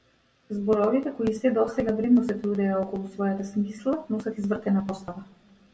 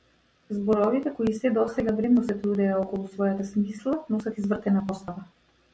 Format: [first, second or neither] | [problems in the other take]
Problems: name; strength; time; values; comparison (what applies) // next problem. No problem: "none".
second | room echo; dies away in 0.9 s